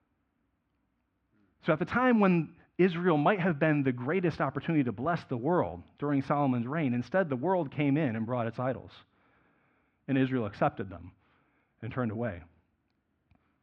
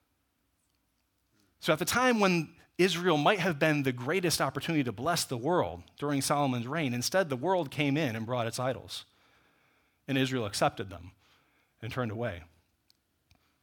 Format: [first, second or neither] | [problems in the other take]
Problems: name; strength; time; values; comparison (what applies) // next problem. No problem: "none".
second | muffled; very; fading above 2 kHz